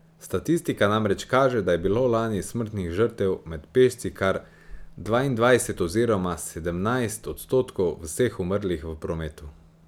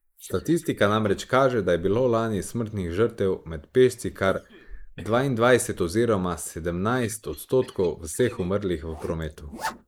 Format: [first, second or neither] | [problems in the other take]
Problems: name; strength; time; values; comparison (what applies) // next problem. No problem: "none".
first | noise reduction (neural mask model Resemble Enhance denoiser)